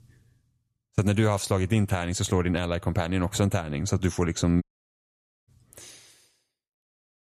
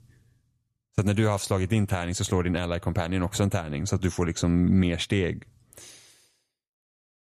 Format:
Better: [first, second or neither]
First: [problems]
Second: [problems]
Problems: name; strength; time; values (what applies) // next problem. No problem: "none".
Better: second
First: audio cutting out; at 4.5 s for 1 s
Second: none